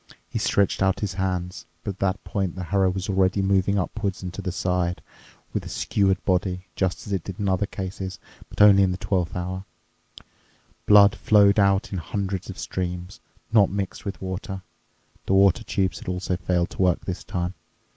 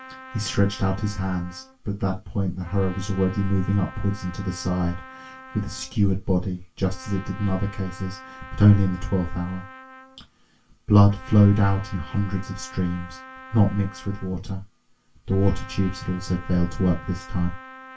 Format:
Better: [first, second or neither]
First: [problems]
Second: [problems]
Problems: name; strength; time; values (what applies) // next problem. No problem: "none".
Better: first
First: none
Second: background sound (Trumpet); 19 dB below the speech // room echo; dies away in 0.2 s